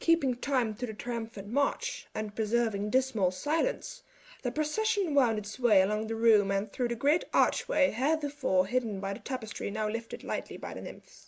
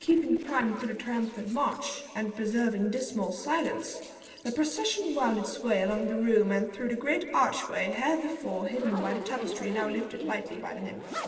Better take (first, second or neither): first